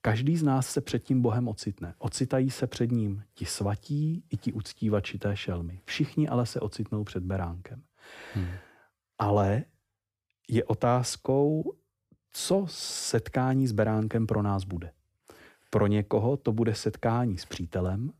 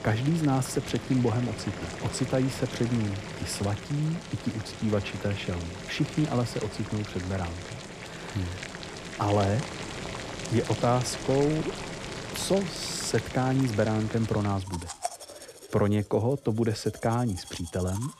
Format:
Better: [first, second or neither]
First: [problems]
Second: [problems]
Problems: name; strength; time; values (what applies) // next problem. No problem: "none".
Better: first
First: none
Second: household noises; loud; throughout; 9 dB below the speech